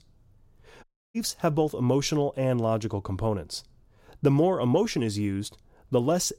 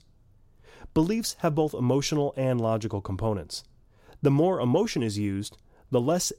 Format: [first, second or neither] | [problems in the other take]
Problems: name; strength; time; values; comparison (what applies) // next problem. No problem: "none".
second | audio cutting out; at 1 s